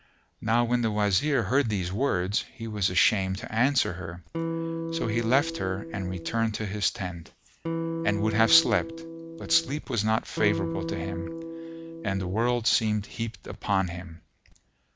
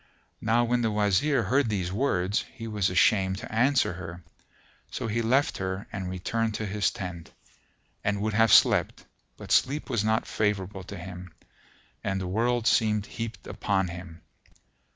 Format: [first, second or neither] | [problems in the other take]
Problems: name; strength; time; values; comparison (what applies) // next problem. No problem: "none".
second | background sound (Electric guitar); 5 dB below the speech